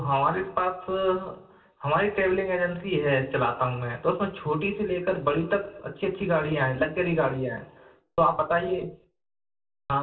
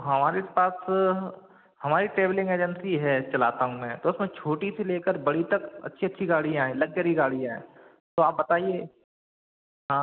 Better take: second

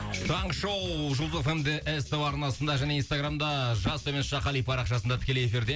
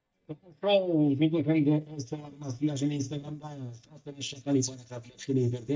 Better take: first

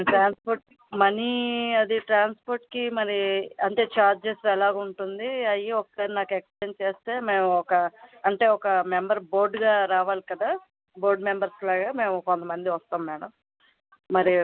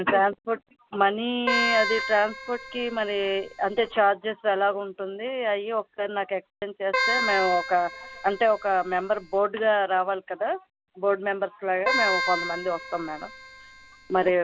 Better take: first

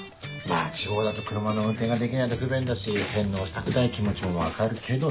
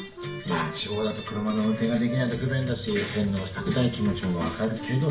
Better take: first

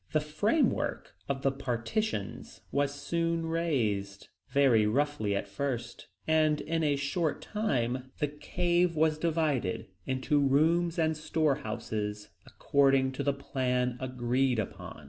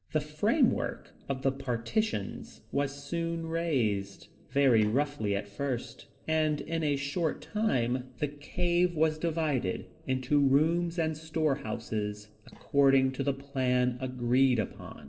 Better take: first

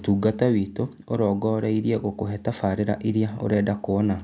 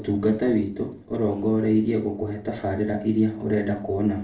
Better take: first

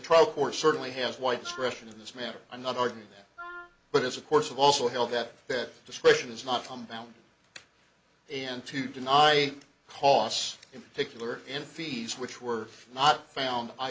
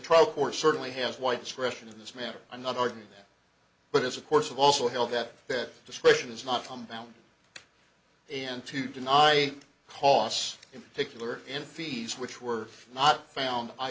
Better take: second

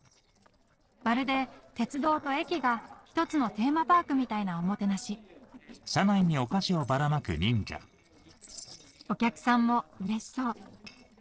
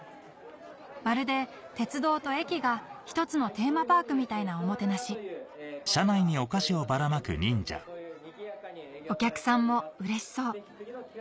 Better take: second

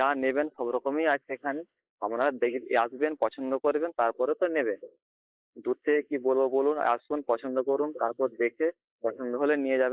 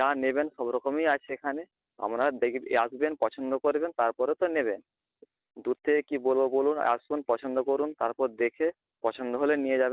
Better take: second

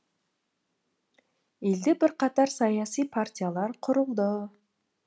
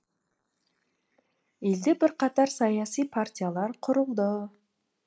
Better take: first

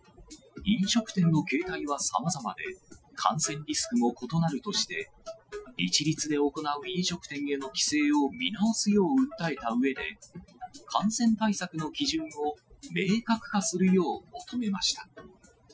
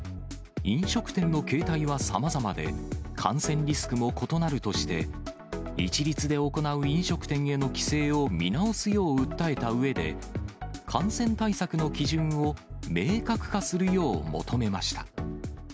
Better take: second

